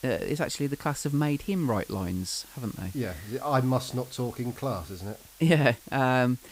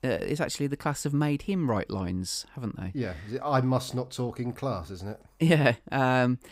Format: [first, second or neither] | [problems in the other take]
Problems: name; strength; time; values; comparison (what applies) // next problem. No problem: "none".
second | hiss; faint; throughout; 20 dB below the speech